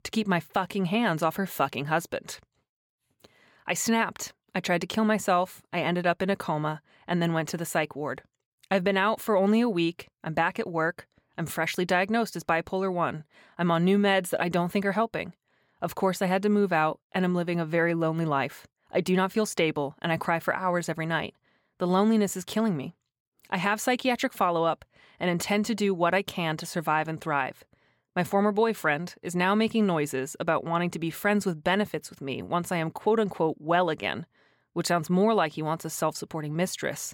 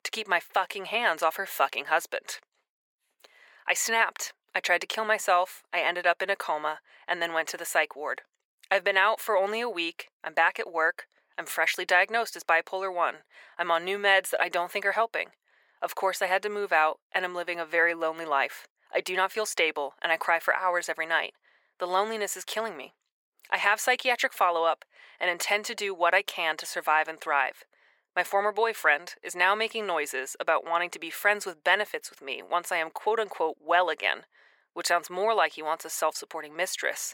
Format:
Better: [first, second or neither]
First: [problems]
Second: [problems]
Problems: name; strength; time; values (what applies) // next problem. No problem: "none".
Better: first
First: none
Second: thin; very; fading below 500 Hz